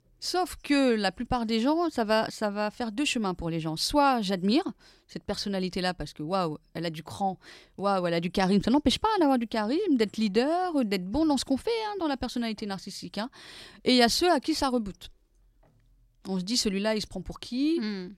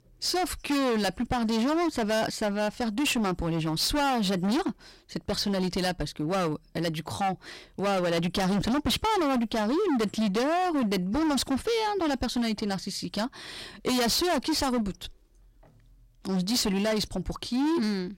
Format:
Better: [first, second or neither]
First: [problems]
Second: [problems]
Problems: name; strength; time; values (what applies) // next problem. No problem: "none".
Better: first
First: none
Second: distortion; heavy; 24% of the sound clipped